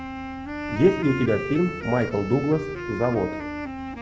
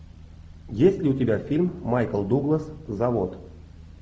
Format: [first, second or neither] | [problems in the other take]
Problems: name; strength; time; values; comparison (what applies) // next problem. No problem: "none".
second | background sound (Wind instrument, woodwind instrument); 8 dB below the speech